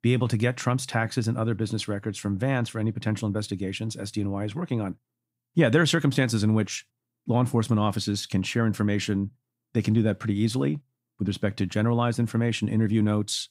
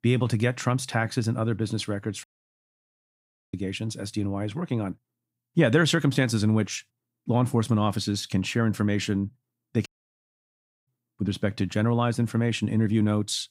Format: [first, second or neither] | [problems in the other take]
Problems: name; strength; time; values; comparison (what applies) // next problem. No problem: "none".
first | audio cutting out; at 2 s for 1.5 s and at 10 s for 1 s